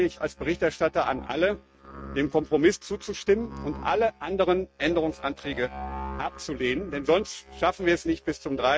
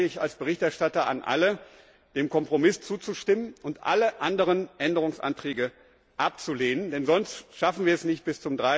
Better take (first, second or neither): second